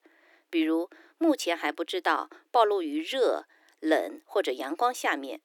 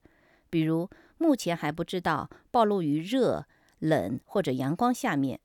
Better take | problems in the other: second | thin; somewhat; fading below 300 Hz

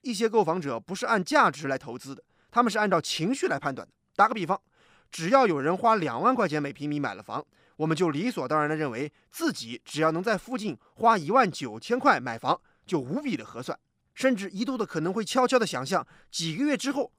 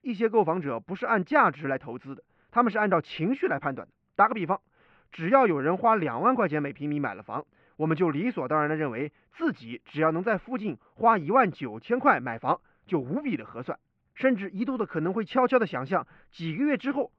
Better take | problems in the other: first | muffled; very; fading above 2.5 kHz

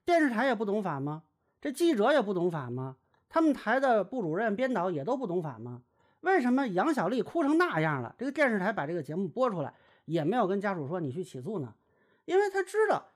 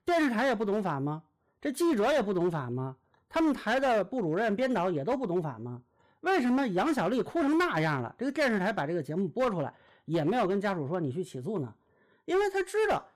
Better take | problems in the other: first | distortion; slight; 10% of the sound clipped

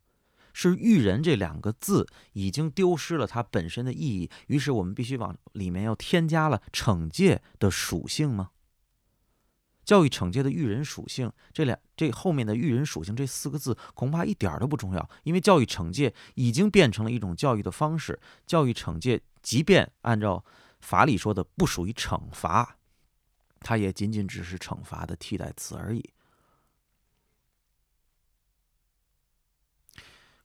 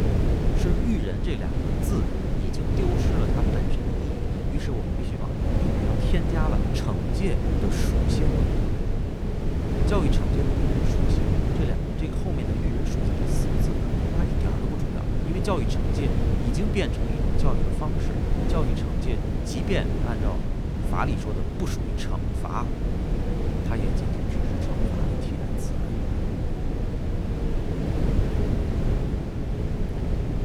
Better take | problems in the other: first | wind noise on the microphone; heavy; 2 dB above the speech

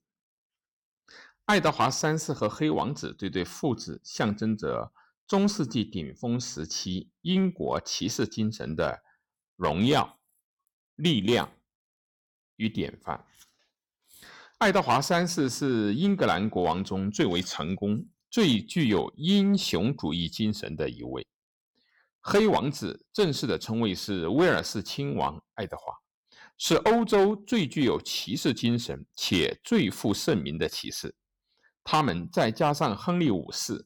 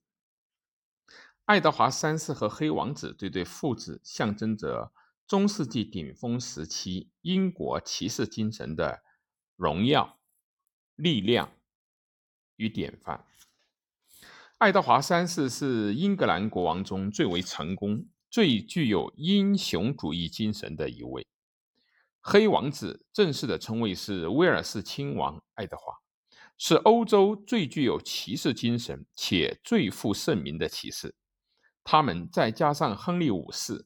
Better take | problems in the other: second | distortion; slight; 3% of the sound clipped

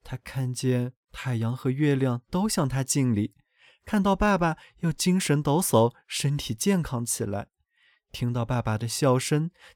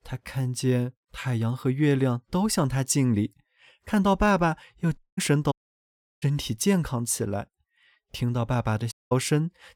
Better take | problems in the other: first | audio cutting out; at 5 s, at 5.5 s for 0.5 s and at 9 s

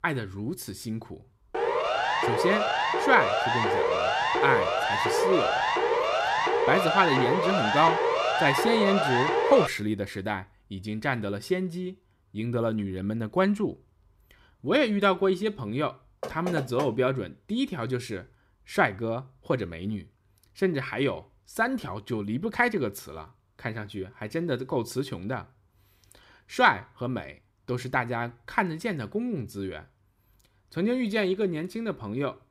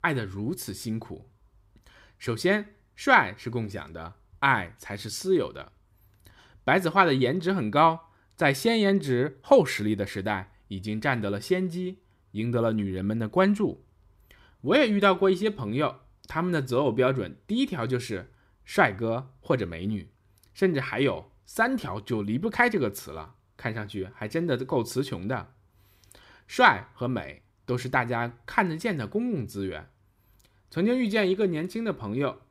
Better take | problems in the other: second | siren; loud; from 1.5 to 9.5 s; peak 4 dB above the speech // door banging; noticeable; at 16 s; peak 6 dB below the speech

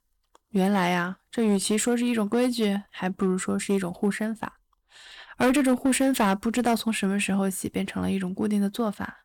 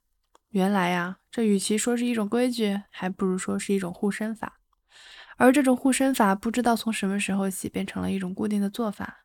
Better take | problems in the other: second | distortion; slight; 5% of the sound clipped

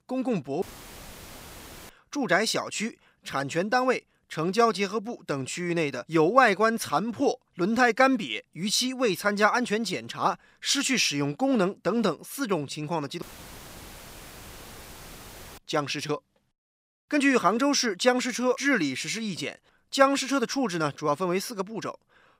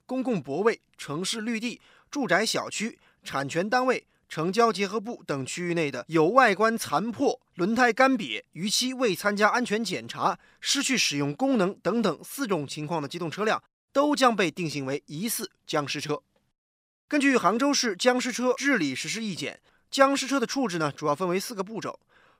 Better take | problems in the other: second | audio cutting out; filled with static; at 0.5 s for 1.5 s and at 13 s for 2.5 s

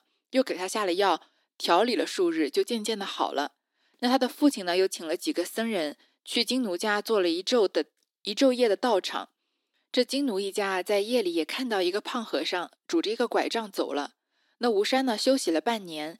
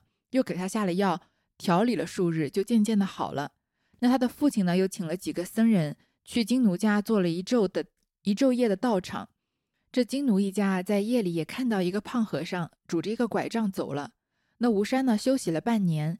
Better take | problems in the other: second | thin; somewhat; fading below 300 Hz

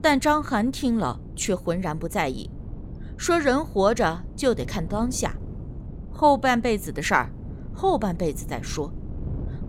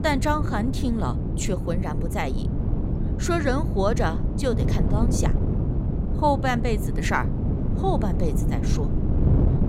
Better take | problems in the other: first | wind noise on the microphone; heavy; 7 dB below the speech; occasional gusts in the first

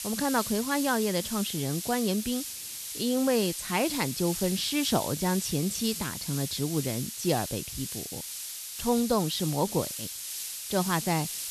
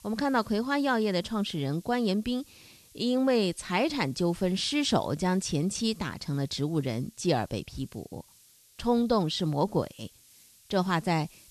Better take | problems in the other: second | hiss; loud; throughout; 5 dB below the speech; faint in the second

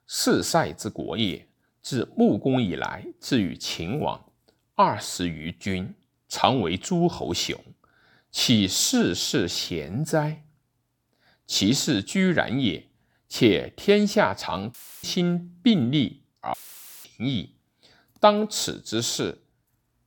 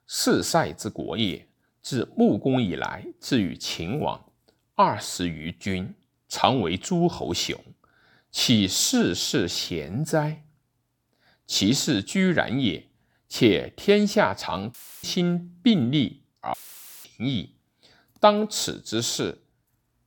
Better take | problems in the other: neither | audio cutting out; filled with static; at 15 s and at 17 s for 0.5 s; the same in both

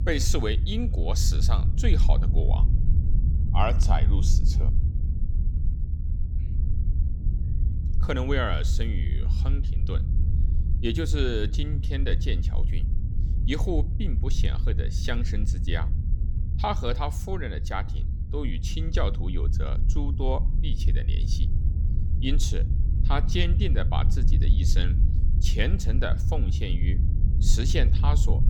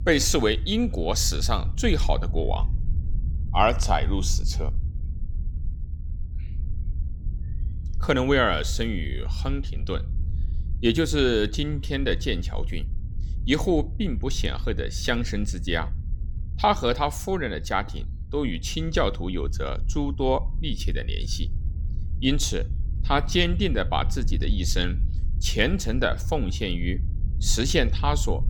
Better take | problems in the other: second | low rumble; loud; throughout; 10 dB below the speech; faint in the second

